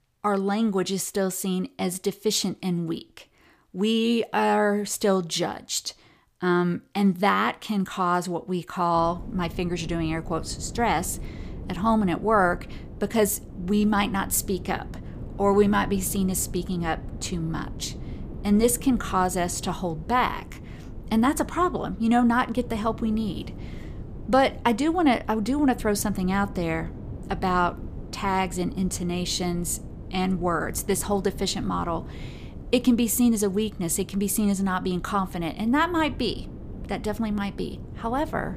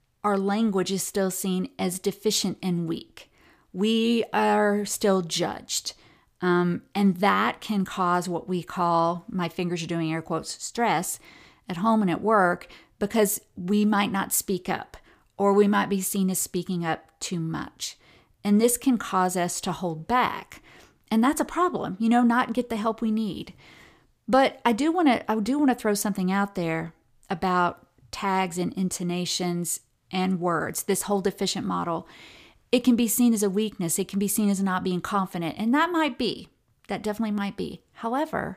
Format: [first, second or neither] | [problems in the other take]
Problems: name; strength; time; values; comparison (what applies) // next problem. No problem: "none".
second | wind noise on the microphone; occasional gusts; from 9 s on; 20 dB below the speech